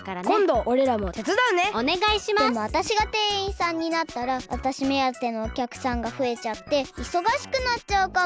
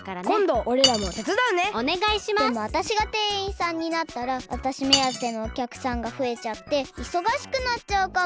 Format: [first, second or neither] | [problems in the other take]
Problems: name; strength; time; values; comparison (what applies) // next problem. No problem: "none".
first | background sound (Cutlery, silverware); 6 dB below the speech